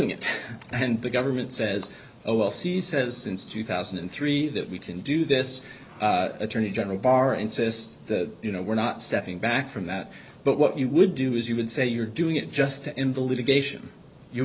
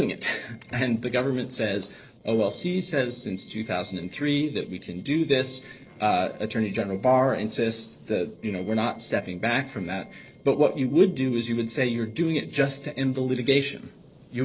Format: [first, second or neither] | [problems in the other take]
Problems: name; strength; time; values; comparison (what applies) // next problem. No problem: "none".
first | noise reduction (neural separator model SepFormer DNS4)